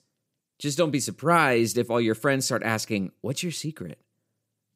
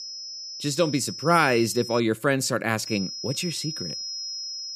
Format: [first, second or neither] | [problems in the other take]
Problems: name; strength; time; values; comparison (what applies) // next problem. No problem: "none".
first | high-pitched whine; loud; until 2 s and from 3 s on; 5 kHz, 8 dB below the speech